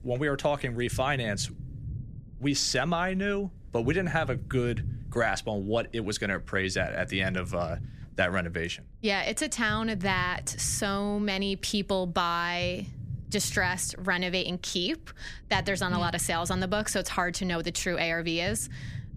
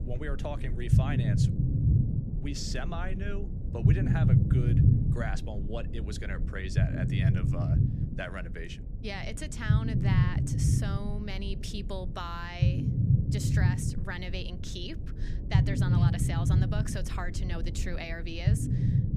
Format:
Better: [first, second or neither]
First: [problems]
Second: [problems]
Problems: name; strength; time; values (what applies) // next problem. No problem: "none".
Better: first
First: low rumble; faint; throughout; 25 dB below the speech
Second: low rumble; loud; throughout; as loud as the speech